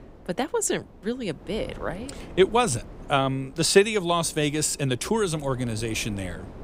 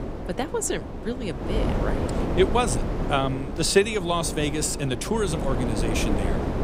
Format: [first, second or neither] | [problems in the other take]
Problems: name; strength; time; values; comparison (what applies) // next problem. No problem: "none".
first | wind noise on the microphone; heavy; 6 dB below the speech; occasional gusts in the first